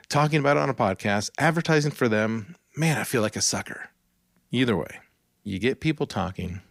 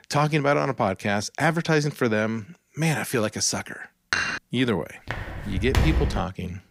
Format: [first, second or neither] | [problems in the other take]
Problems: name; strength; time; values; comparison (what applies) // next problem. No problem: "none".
first | clattering dishes; noticeable; at 4 s; peak level with the speech // footsteps; loud; from 5 to 6 s; peak 2 dB above the speech